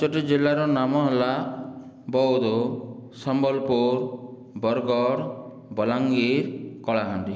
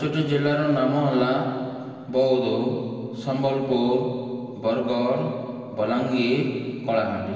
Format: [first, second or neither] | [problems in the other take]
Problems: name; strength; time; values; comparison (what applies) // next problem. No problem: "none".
first | room echo; dies away in 2.5 s